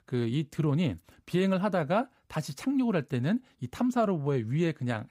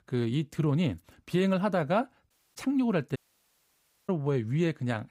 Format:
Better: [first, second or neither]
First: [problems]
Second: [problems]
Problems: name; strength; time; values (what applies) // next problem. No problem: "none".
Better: first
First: none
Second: audio cutting out; at 2.5 s and at 3 s for 1 s